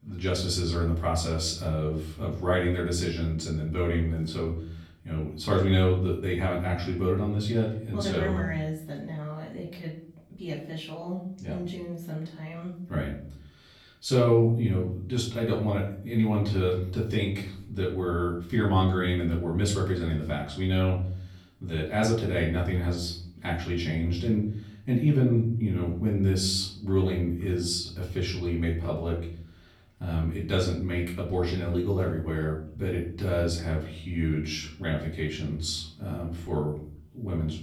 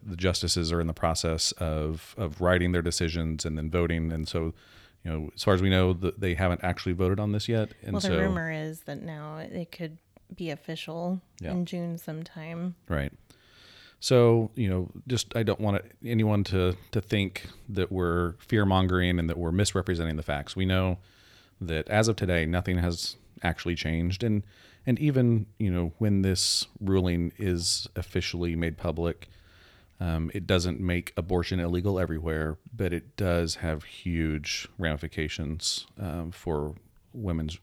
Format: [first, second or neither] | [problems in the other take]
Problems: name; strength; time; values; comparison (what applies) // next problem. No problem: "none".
second | room echo; slight; dies away in 0.6 s // off-mic speech; far